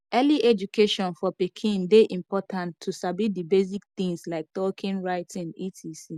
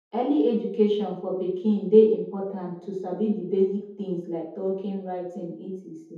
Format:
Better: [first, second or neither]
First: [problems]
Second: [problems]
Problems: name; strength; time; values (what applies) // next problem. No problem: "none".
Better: first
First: none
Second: room echo; dies away in 0.7 s